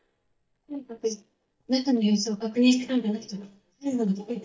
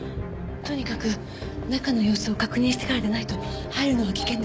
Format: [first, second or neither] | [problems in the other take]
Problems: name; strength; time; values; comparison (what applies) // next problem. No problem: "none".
second | noise reduction (neural mask model DeepFilterNet 3)